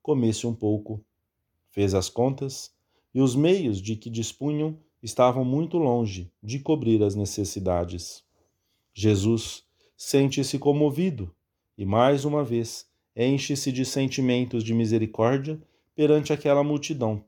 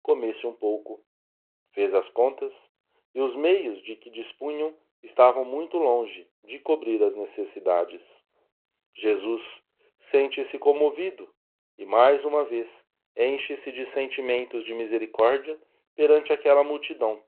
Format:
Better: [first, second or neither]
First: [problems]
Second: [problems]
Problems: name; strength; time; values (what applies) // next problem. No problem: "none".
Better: first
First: none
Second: phone-call audio